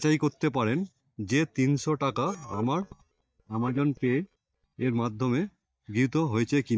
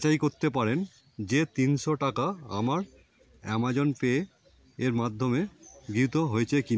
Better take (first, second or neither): second